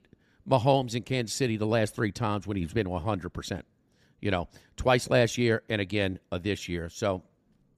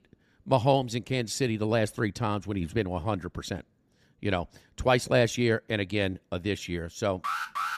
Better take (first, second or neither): first